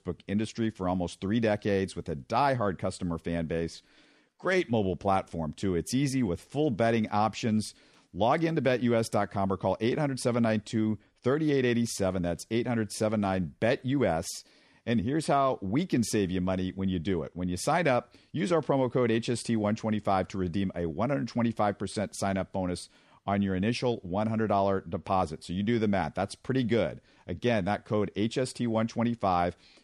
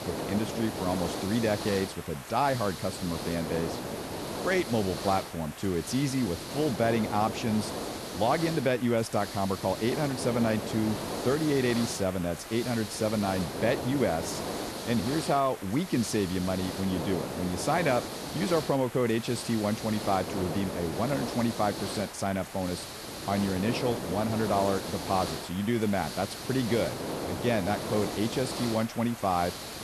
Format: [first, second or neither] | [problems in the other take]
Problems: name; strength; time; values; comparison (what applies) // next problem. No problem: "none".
first | hiss; loud; throughout; 6 dB below the speech